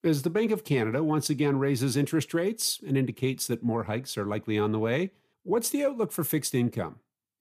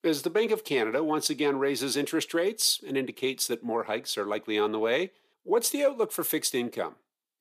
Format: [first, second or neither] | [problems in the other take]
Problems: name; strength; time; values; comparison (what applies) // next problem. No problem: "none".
first | thin; somewhat; fading below 450 Hz